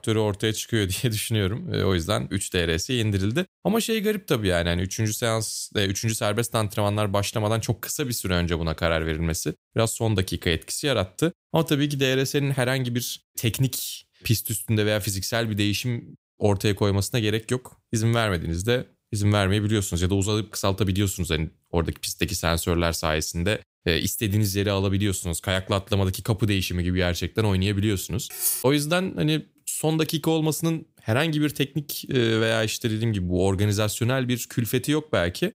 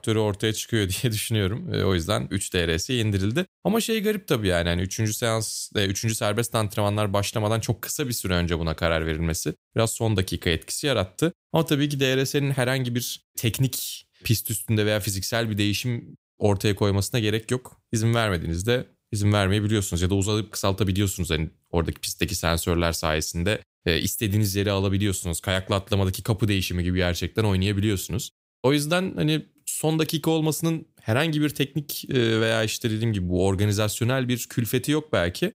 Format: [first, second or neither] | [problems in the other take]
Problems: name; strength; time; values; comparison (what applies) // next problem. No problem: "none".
second | clattering dishes; loud; at 28 s; peak 1 dB above the speech